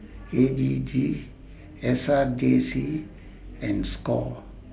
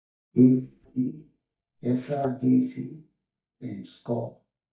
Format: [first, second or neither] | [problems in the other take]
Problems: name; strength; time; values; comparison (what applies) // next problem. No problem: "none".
first | noise reduction (neural mask model DeepFilterNet 3)